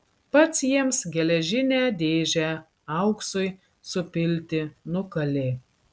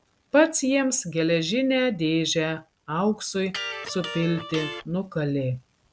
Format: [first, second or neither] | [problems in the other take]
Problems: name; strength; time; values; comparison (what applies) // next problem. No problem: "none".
first | background sound (Electric guitar); 11 dB below the speech